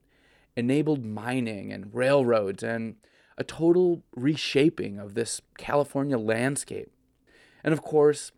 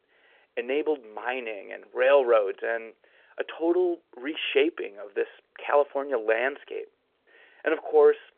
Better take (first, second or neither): first